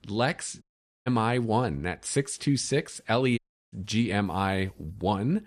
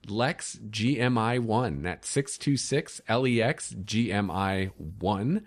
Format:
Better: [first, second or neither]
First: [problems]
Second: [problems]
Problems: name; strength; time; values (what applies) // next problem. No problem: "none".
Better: second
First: audio cutting out; at 0.5 s and at 3.5 s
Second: none